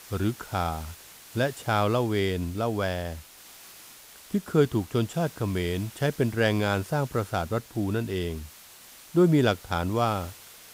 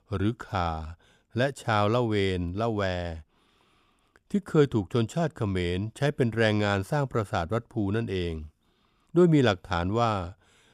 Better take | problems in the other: second | hiss; noticeable; throughout; 20 dB below the speech

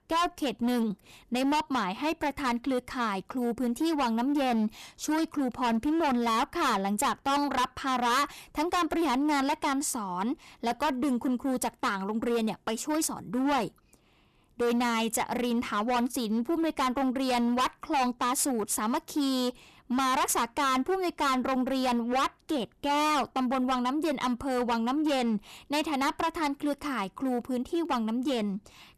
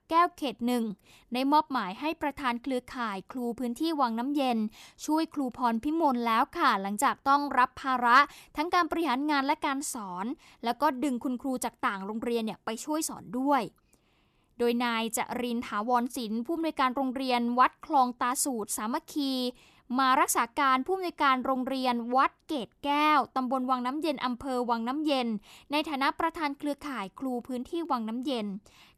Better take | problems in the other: second | distortion; heavy; 17% of the sound clipped

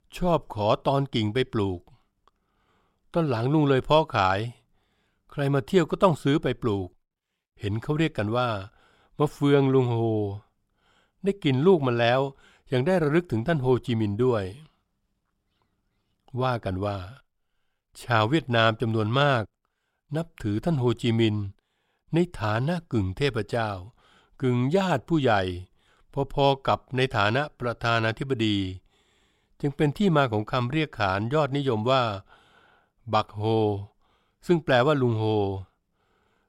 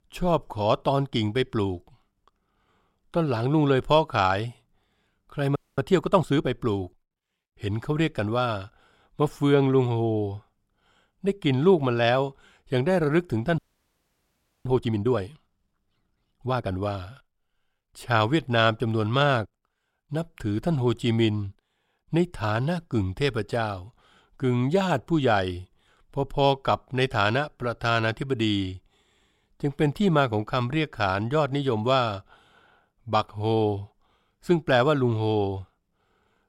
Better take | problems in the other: first | audio freezing; at 5.5 s and at 14 s for 1 s

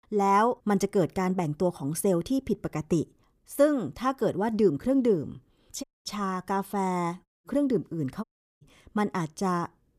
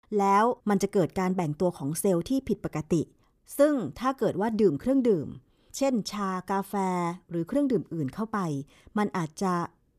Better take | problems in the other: second | audio cutting out; at 6 s, at 7.5 s and at 8 s

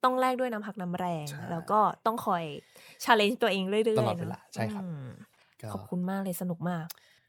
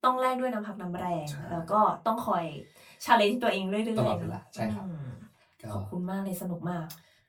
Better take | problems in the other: first | off-mic speech; far // room echo; very slight; dies away in 0.2 s

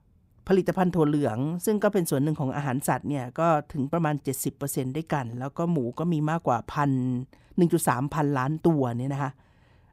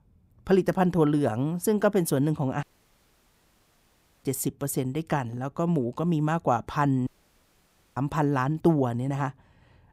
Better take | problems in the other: first | audio cutting out; at 2.5 s for 1.5 s and at 7 s for 1 s

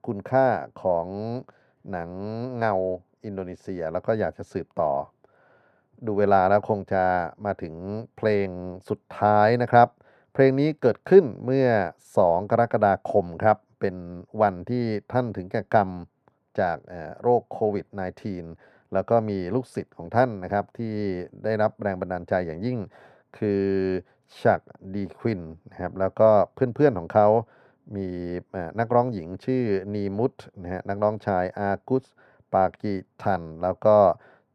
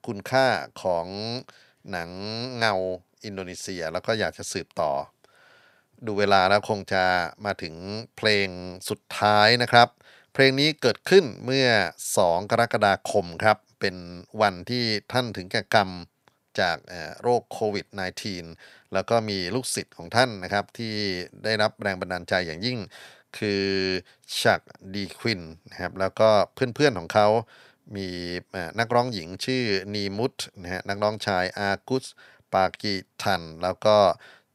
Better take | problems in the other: second | muffled; very; fading above 2 kHz

